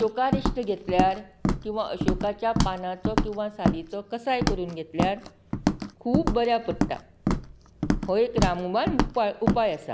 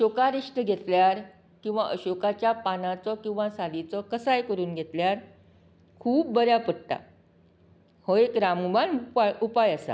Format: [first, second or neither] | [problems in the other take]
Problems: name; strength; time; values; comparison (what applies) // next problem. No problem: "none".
second | background sound (Walk, footsteps); as loud as the speech